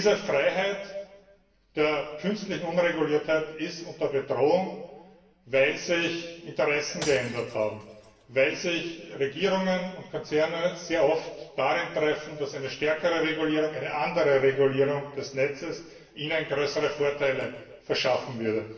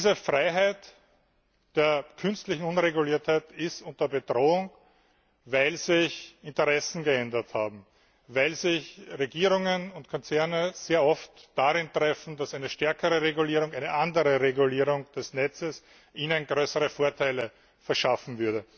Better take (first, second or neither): second